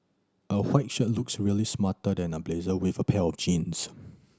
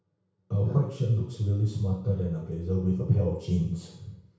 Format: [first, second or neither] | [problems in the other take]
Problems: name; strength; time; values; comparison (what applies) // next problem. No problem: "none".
first | room echo; dies away in 0.6 s